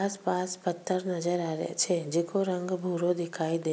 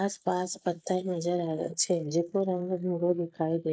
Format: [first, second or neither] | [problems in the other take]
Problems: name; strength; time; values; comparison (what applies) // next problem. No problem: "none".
first | noise reduction (neural mask model Resemble Enhance denoiser)